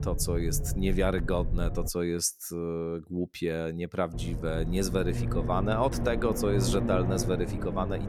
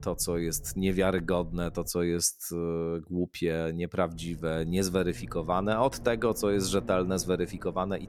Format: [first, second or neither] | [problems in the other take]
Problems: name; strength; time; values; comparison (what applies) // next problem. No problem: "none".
second | low rumble; loud; until 2 s and from 4 s on; 9 dB below the speech; faint in the second